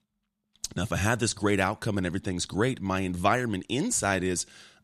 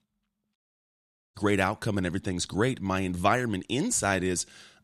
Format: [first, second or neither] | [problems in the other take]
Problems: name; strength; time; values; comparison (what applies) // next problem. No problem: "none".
first | audio cutting out; at 0.5 s for 1 s